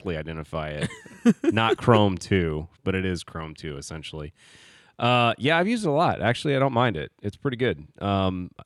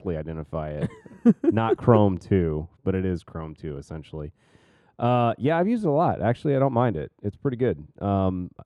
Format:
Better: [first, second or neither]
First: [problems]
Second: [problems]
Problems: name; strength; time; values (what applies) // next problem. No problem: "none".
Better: first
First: none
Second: muffled; slightly; fading above 1.5 kHz